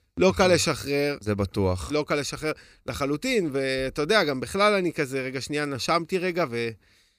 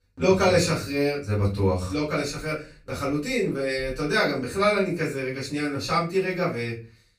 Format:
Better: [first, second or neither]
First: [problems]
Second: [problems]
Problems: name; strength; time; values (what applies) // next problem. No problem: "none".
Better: first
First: none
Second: off-mic speech; far // room echo; slight; dies away in 0.3 s